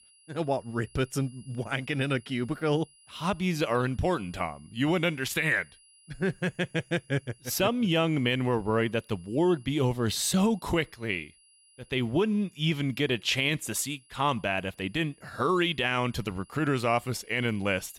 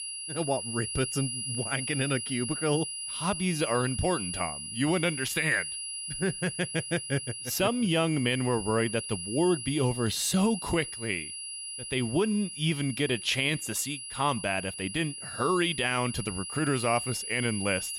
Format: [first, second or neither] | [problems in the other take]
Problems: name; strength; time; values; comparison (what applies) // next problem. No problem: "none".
first | high-pitched whine; loud; throughout; 10 kHz, 6 dB below the speech; faint in the first